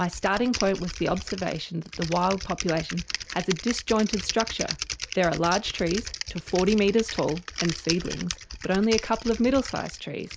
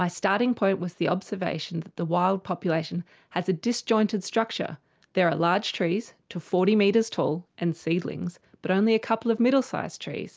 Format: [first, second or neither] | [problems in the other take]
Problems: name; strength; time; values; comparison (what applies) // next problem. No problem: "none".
second | background sound (Typing); 9 dB below the speech